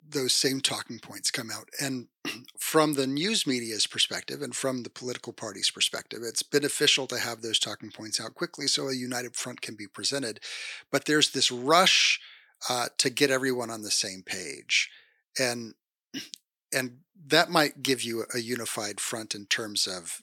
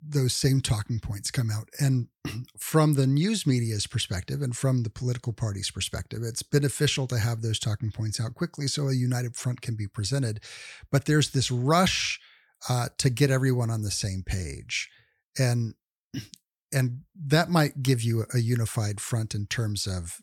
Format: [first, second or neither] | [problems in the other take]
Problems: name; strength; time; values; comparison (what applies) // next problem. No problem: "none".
second | thin; somewhat; fading below 300 Hz